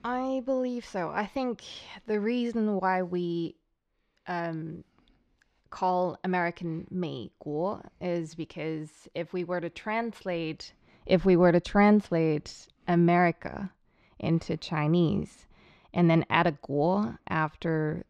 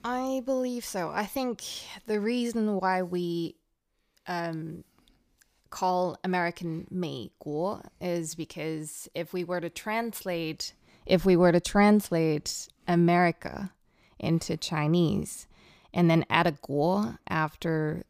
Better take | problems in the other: second | muffled; slightly; fading above 3.5 kHz

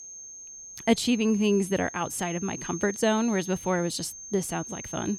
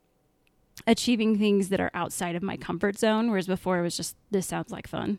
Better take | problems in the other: second | high-pitched whine; noticeable; throughout; 6.5 kHz, 10 dB below the speech

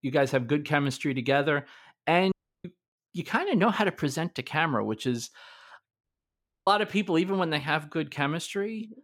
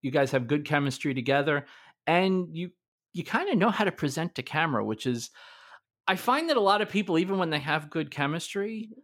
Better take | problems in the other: second | audio cutting out; at 2.5 s and at 6 s for 0.5 s

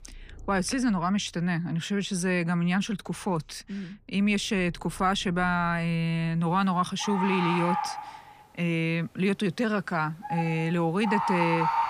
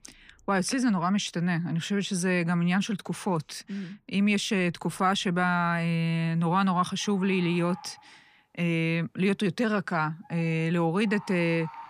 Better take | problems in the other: second | animal sounds; loud; throughout; 4 dB below the speech; faint in the second

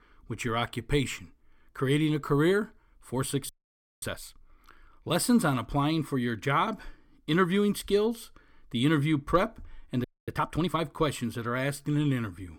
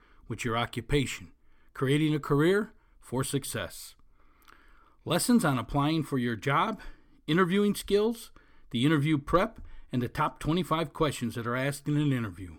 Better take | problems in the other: second | audio freezing; at 3.5 s for 0.5 s and at 10 s

